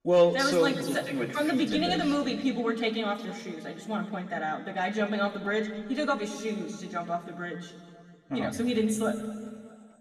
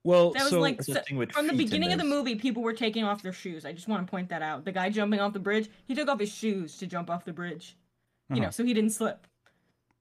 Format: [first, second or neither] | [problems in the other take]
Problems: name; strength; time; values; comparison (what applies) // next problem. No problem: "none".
second | room echo; slight; dies away in 1.8 s // off-mic speech; somewhat distant